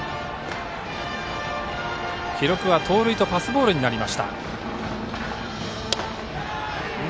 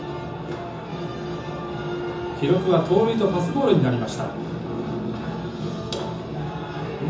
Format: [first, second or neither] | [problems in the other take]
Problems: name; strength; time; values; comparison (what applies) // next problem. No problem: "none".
first | room echo; dies away in 0.6 s